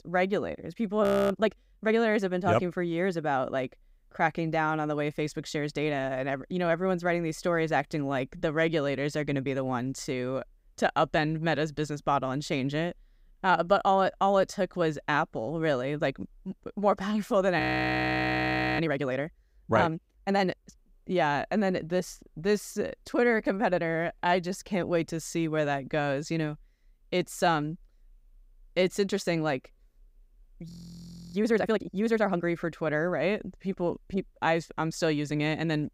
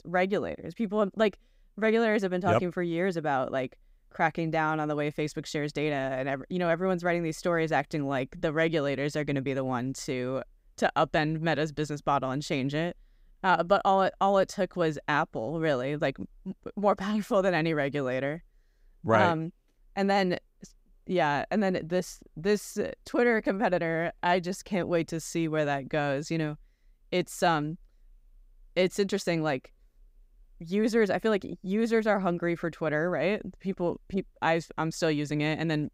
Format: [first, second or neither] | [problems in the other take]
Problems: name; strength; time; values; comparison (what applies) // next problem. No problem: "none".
second | audio freezing; at 1 s, at 18 s for 1 s and at 31 s for 0.5 s